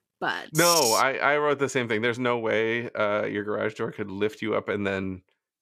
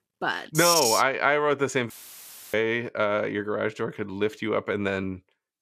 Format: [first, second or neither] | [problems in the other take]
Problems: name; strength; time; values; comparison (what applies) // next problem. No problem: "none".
first | audio cutting out; filled with static; at 2 s for 0.5 s